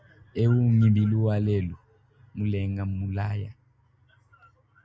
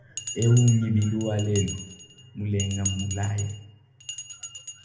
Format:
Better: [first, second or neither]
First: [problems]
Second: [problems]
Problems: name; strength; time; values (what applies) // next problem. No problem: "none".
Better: first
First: none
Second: background sound (Bell); 12 dB below the speech // room echo; dies away in 0.8 s